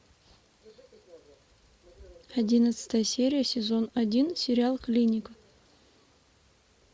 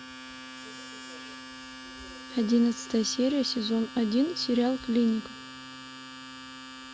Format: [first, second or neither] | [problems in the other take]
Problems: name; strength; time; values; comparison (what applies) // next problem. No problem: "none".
first | background sound (Domestic sounds, home sounds); 14 dB below the speech